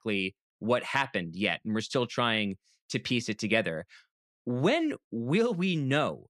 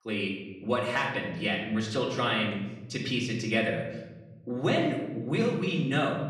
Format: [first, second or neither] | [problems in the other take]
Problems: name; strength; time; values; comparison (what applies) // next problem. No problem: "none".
first | off-mic speech; far // room echo; noticeable; dies away in 1.3 s